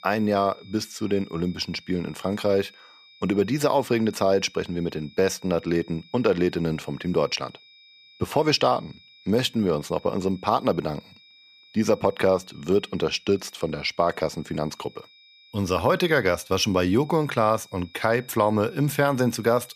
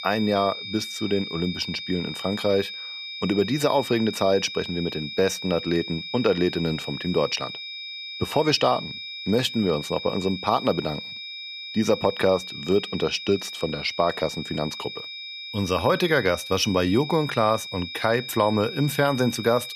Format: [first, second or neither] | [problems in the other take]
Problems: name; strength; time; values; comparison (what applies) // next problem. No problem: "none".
first | high-pitched whine; loud; throughout; 3.5 kHz, 9 dB below the speech; faint in the first